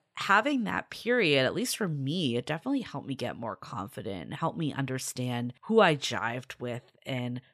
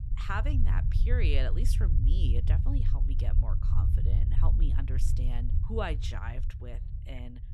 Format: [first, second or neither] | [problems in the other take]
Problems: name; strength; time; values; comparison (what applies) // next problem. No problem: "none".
first | low rumble; loud; throughout; 6 dB below the speech